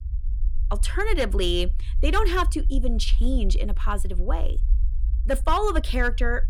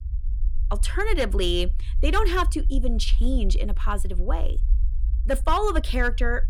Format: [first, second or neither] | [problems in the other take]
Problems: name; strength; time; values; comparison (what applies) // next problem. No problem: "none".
neither | low rumble; faint; throughout; 25 dB below the speech; the same in both